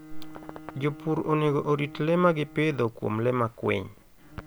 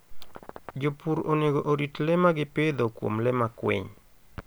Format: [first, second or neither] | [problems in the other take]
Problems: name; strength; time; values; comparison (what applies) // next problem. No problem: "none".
second | background sound (Bowed string instrument); 19 dB below the speech